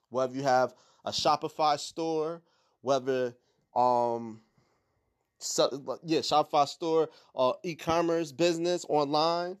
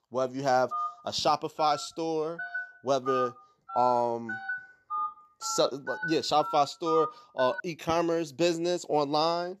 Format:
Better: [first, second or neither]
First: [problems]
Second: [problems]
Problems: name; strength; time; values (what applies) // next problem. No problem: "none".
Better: first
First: none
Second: phone ringing; noticeable; from 0.5 to 7.5 s; peak 4 dB below the speech